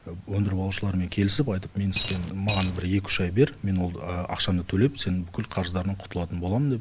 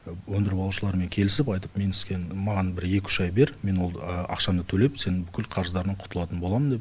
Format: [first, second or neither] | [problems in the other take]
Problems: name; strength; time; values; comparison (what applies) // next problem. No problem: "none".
second | background sound (Coin (dropping)); 6 dB below the speech